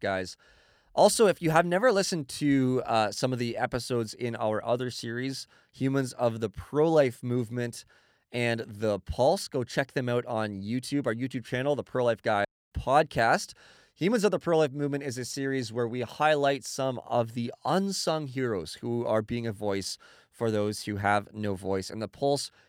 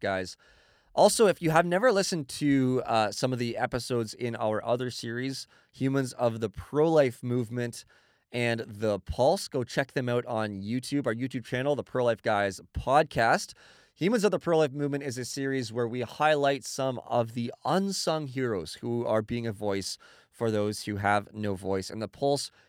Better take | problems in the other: second | audio cutting out; at 12 s

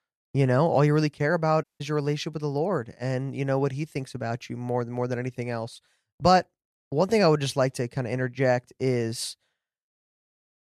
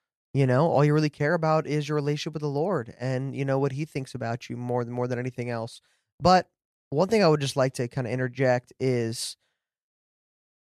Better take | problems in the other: second | audio cutting out; at 1.5 s

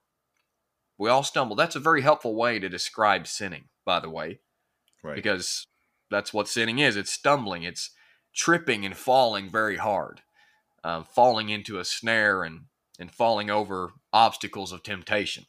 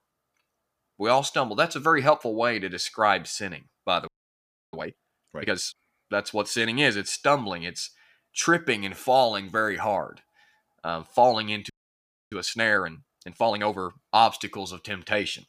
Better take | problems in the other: first | audio freezing; at 4 s for 0.5 s and at 12 s for 0.5 s

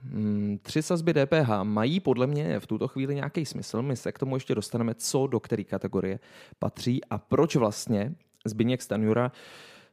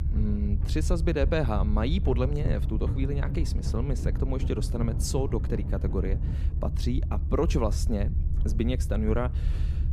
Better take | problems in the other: first | low rumble; noticeable; throughout; 10 dB below the speech

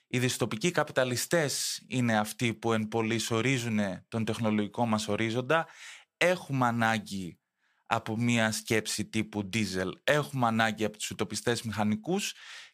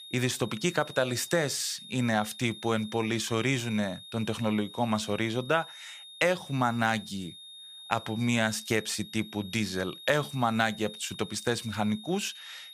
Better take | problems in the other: first | high-pitched whine; noticeable; throughout; 3.5 kHz, 15 dB below the speech

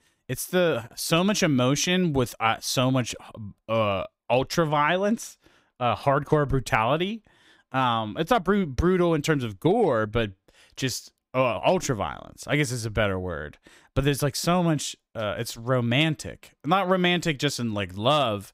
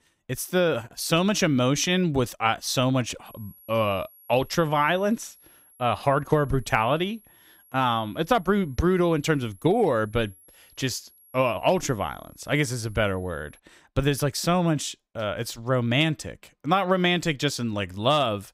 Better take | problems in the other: first | high-pitched whine; faint; from 3.5 to 14 s; 11.5 kHz, 30 dB below the speech

